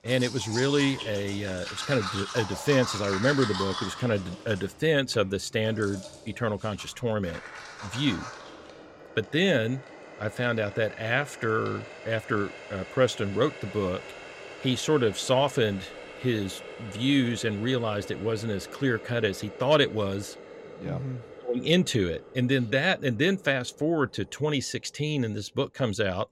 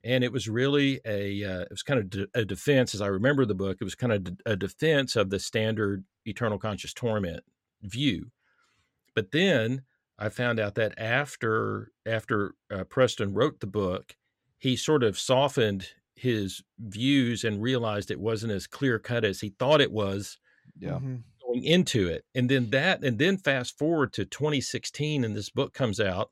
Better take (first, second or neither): second